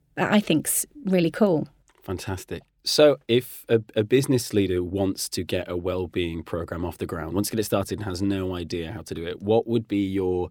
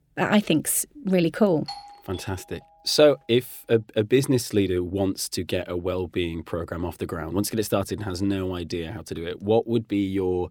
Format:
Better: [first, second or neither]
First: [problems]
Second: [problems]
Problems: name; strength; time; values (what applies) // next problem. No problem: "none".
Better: first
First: none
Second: doorbell; faint; at 1.5 s; peak 15 dB below the speech